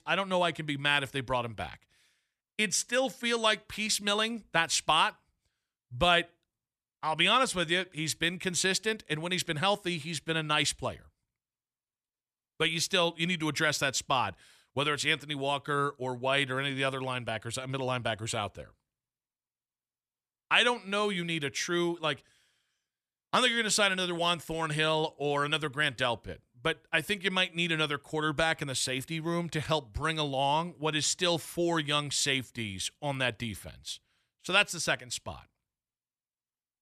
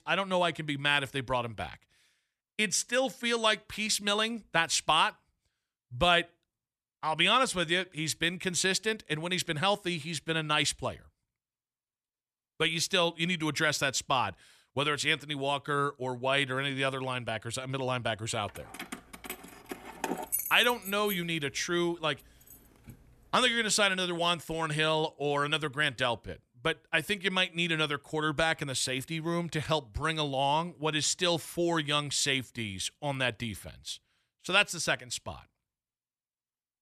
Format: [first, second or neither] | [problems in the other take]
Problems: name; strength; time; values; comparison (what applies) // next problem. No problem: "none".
first | jangling keys; noticeable; from 19 to 23 s; peak 2 dB below the speech